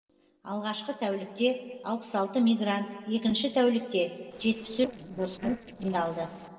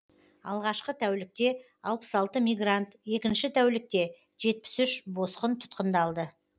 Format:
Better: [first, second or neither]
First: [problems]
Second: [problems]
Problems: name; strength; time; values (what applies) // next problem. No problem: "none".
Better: second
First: noise reduction (neural separator model SepFormer DNS4)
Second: none